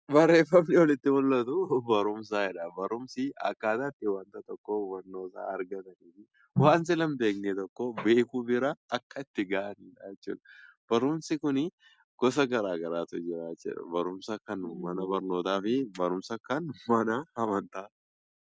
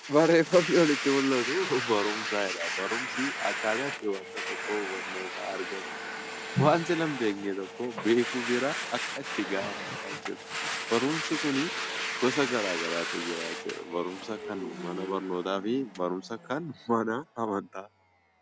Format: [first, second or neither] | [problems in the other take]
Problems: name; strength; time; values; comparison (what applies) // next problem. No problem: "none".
first | background sound (Domestic sounds, home sounds); 6 dB below the speech